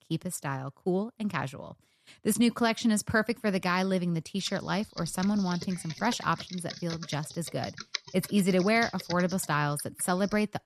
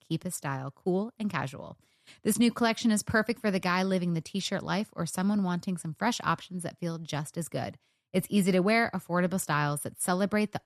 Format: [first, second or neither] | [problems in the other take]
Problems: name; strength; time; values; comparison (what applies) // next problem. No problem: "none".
second | keyboard typing; noticeable; from 4.5 s on; peak 7 dB below the speech